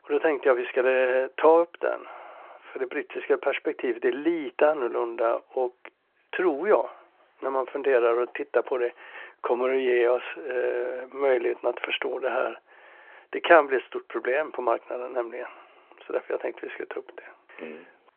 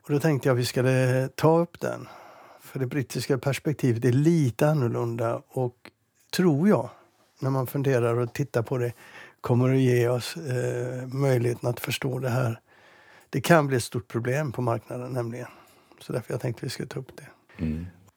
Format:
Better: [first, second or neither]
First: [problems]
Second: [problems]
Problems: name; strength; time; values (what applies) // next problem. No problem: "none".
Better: second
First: phone-call audio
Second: none